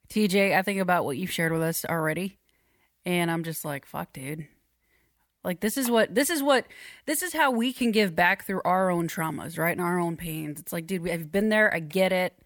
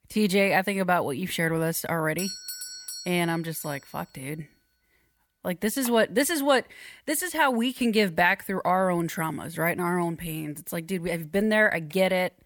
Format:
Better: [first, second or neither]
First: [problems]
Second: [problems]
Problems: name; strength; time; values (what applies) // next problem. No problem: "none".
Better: first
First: none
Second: doorbell; noticeable; from 2 to 4 s; peak 8 dB below the speech